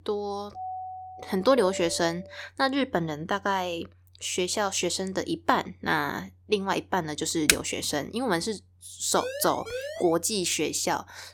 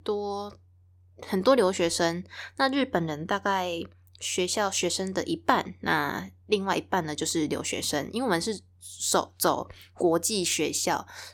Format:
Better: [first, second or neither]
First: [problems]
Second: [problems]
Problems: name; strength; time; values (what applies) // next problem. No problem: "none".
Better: second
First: doorbell; noticeable; from 0.5 to 2.5 s; peak 9 dB below the speech // keyboard typing; very faint; at 7.5 s; peak 4 dB above the speech // siren; noticeable; at 9 s; peak 8 dB below the speech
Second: none